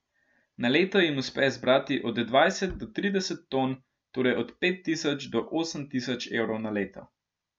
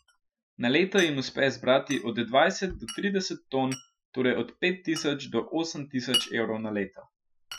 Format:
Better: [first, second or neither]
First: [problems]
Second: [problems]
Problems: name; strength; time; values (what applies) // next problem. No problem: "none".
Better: first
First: none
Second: noise reduction (classical method Wiener filter)